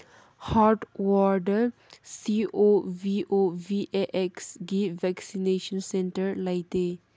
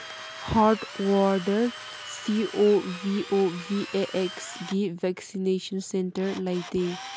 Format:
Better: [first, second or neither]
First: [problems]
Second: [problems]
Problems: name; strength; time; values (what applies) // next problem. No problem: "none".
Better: first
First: none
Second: background sound (Drill); 14 dB below the speech